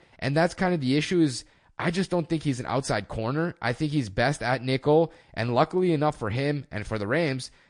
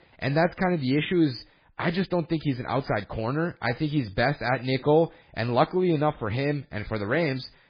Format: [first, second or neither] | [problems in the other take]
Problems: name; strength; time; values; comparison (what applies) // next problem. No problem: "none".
first | garbled, watery; badly; nothing above 4.5 kHz; slightly in the first